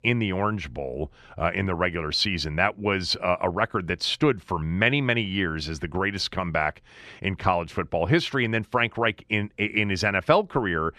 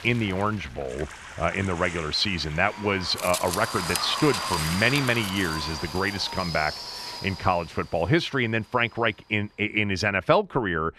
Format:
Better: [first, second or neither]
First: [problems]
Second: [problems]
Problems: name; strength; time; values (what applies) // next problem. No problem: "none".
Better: first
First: none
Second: wind noise on the microphone; heavy; 7 dB below the speech